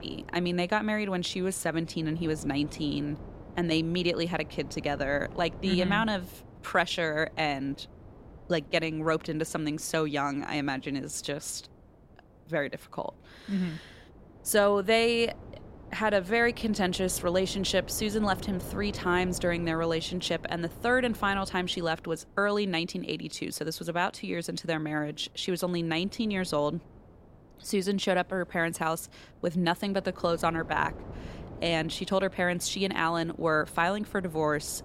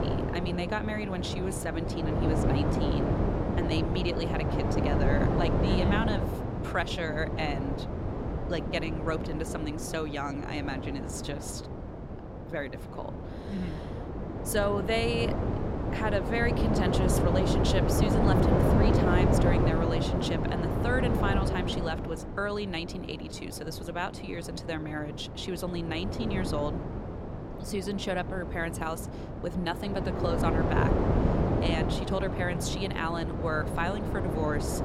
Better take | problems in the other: first | wind noise on the microphone; heavy; as loud as the speech; occasional gusts in the first

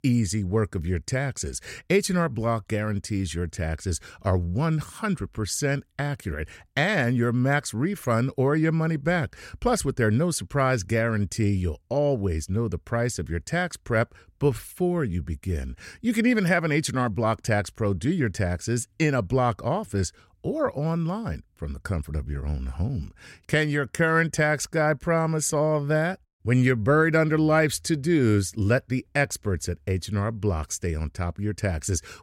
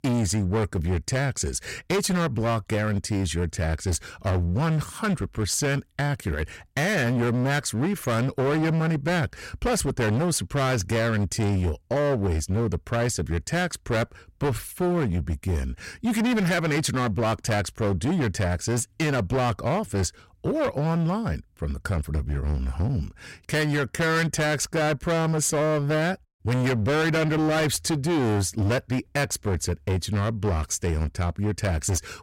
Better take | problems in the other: first | distortion; heavy; 22% of the sound clipped

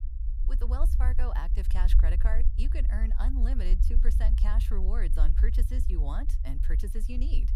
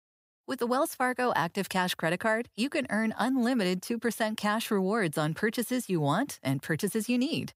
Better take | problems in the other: second | low rumble; loud; throughout; 7 dB below the speech

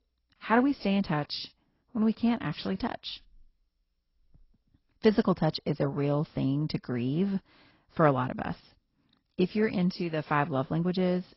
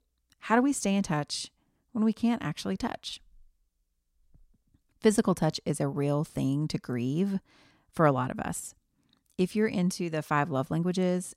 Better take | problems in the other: second | garbled, watery; badly; nothing above 5.5 kHz

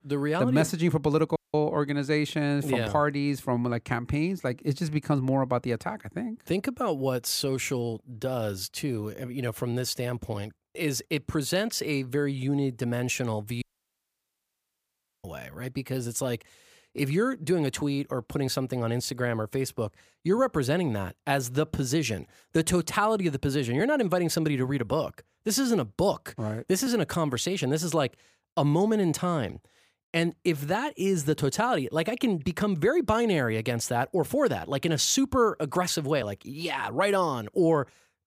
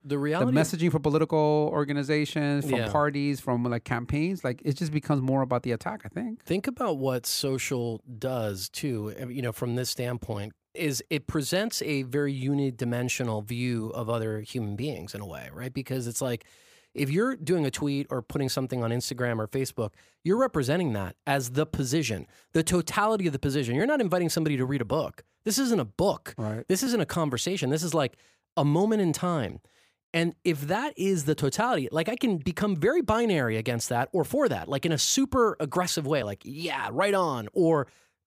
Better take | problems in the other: second | audio cutting out; at 1.5 s and at 14 s for 1.5 s

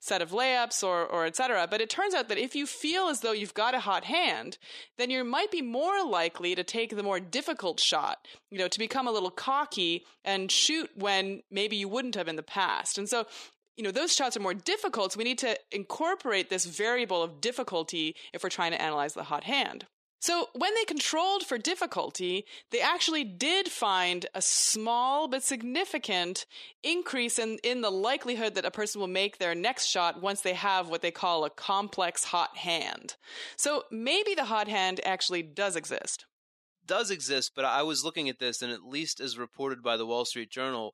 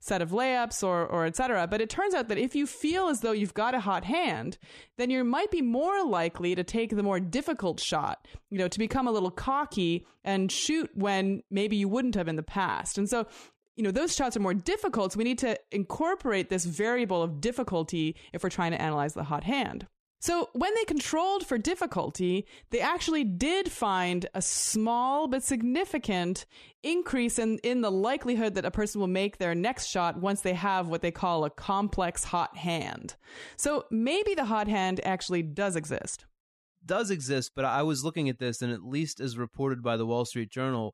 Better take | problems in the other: second | thin; somewhat; fading below 350 Hz

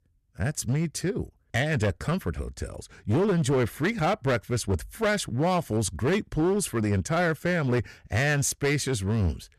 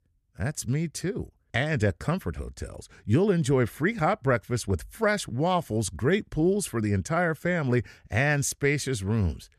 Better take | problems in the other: second | distortion; slight; 11% of the sound clipped

